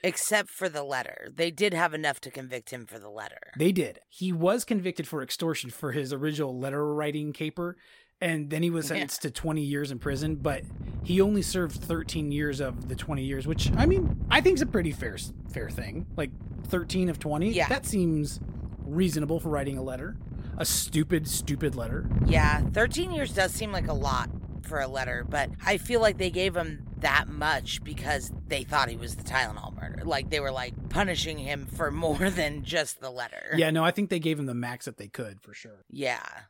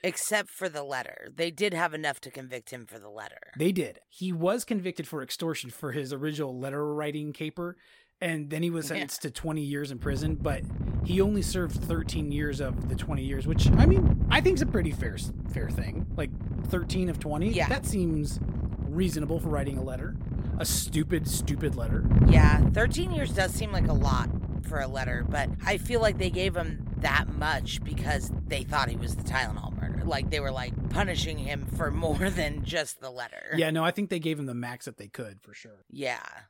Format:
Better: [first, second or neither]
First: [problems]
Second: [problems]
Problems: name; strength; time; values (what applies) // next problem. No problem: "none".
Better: first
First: wind noise on the microphone; occasional gusts; from 10 to 33 s; 15 dB below the speech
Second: wind noise on the microphone; heavy; from 10 to 33 s; 9 dB below the speech